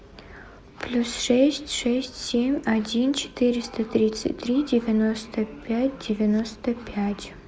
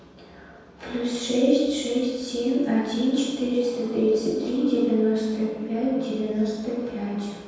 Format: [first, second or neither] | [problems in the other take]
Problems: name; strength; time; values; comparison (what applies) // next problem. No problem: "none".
first | room echo; dies away in 1.2 s